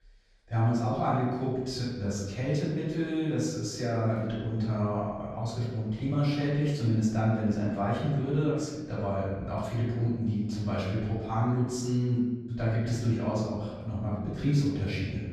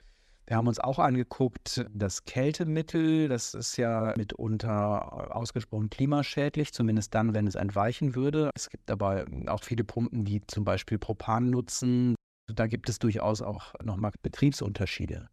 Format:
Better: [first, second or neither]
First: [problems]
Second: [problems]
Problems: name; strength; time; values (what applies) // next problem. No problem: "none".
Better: second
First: off-mic speech; far // room echo; noticeable; dies away in 1.2 s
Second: none